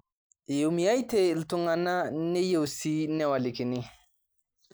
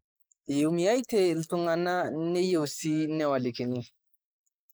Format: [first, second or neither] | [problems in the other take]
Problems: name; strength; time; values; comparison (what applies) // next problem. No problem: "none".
first | noise reduction (neural mask model Resemble Enhance denoiser)